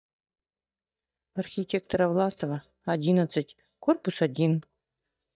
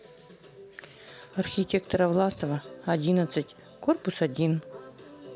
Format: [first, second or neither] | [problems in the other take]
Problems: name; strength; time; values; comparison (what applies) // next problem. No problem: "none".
second | noise reduction (neural mask model DeepFilterNet 3)